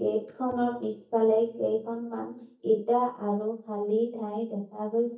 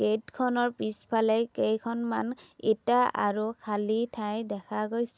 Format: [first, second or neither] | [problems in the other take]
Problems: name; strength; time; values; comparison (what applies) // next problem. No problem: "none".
second | noise reduction (neural mask model DeepFilterNet 3)